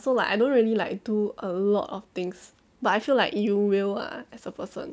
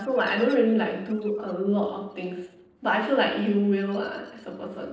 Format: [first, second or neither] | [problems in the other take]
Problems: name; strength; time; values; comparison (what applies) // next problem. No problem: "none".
first | noise reduction (neural separator model SepFormer DNS4)